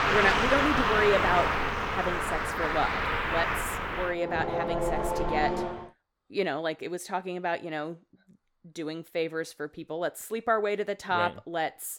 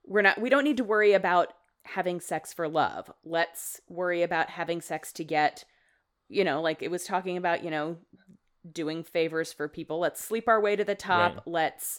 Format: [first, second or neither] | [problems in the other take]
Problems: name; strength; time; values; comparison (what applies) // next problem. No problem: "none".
second | traffic noise; very loud; until 5.5 s; 2 dB above the speech